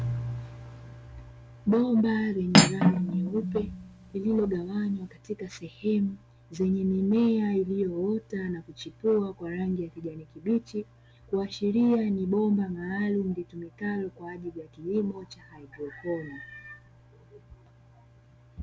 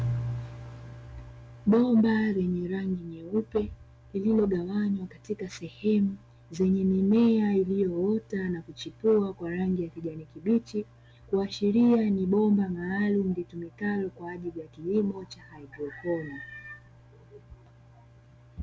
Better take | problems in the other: second | background sound (Cutlery, silverware); 3 dB above the speech

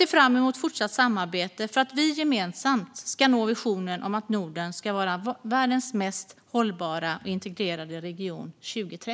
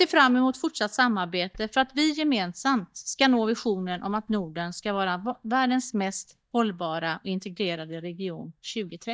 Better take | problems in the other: first | noise reduction (neural mask model DeepFilterNet 3)

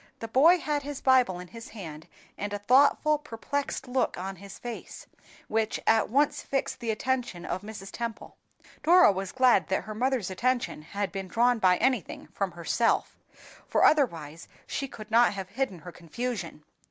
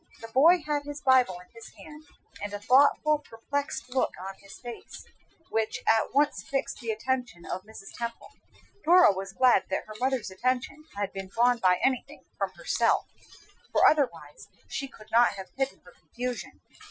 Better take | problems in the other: first | noise reduction (classical method Wiener filter)

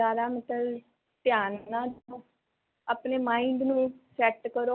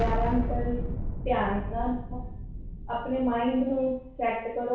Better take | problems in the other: first | background sound (Explosion); 3 dB below the speech // room echo; dies away in 0.6 s

